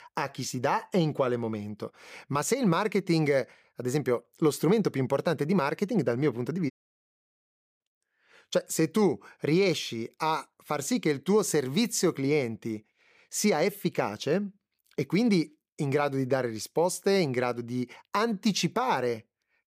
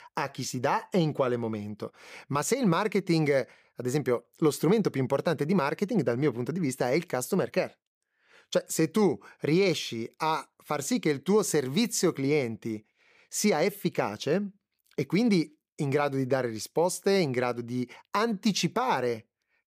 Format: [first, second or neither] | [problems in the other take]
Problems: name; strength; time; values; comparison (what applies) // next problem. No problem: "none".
second | audio cutting out; at 6.5 s for 1 s